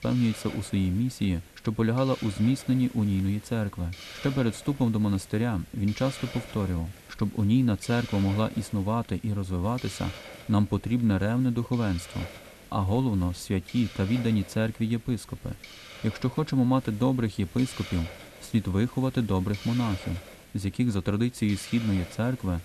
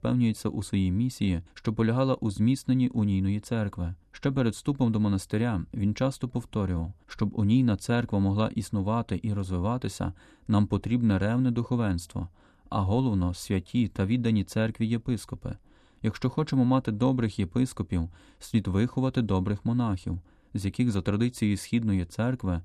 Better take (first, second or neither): second